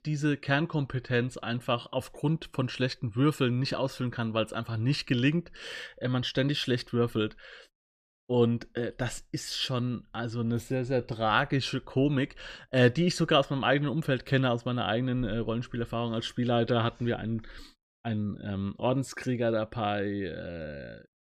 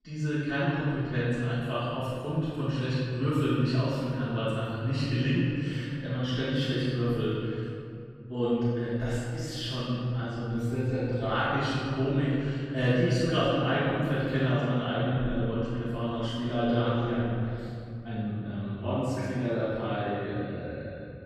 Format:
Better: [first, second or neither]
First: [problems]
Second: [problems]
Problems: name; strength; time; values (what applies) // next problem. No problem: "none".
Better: first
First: none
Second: room echo; strong; dies away in 2.6 s // off-mic speech; far